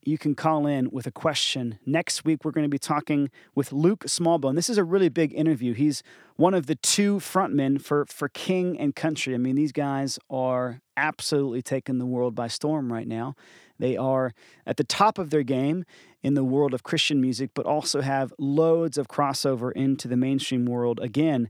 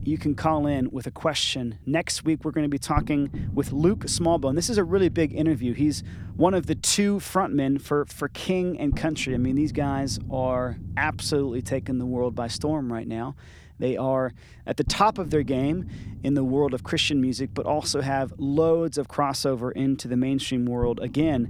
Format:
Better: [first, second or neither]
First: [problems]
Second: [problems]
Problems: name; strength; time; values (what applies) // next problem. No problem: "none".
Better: first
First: none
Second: low rumble; faint; throughout; 20 dB below the speech